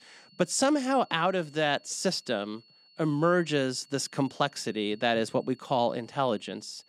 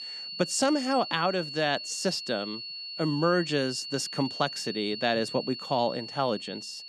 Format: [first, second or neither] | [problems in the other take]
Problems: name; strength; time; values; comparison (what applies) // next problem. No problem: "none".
first | high-pitched whine; loud; throughout; 4.5 kHz, 8 dB below the speech; faint in the first